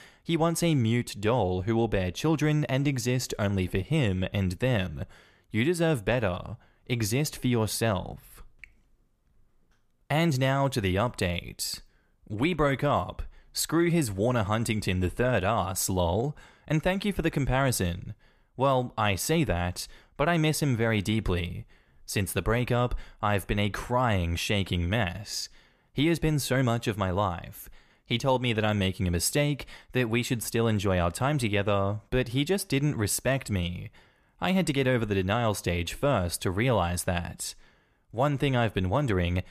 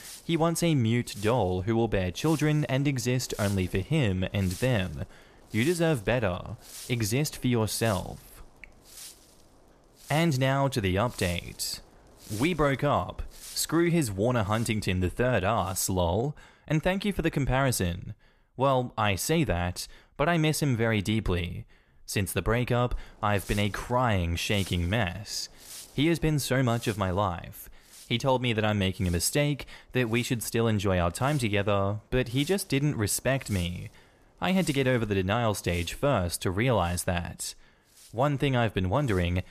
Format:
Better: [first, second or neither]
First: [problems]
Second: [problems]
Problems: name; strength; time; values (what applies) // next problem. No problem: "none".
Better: first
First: none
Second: wind noise on the microphone; occasional gusts; until 16 s and from 23 s on; 20 dB below the speech